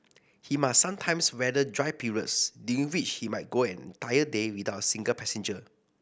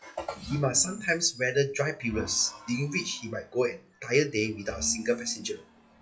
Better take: first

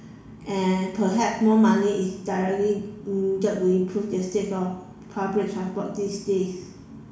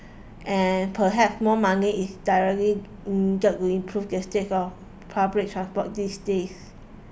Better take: second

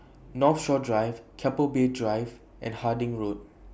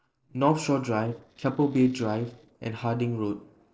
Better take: first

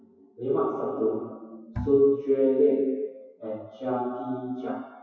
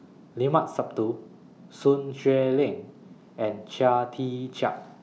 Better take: second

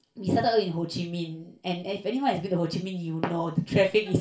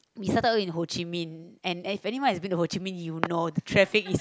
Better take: second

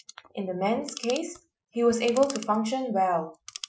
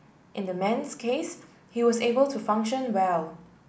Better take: second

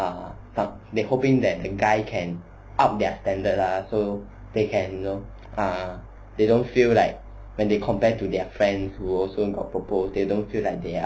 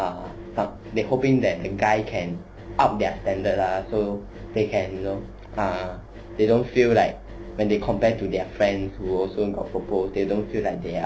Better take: first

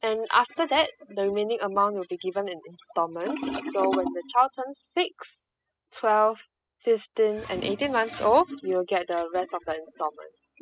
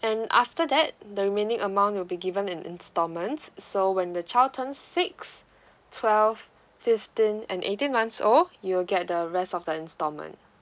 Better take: second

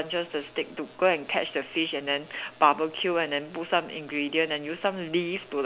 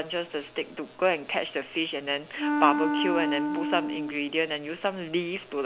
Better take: first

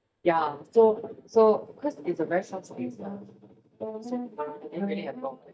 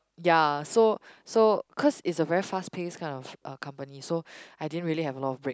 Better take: second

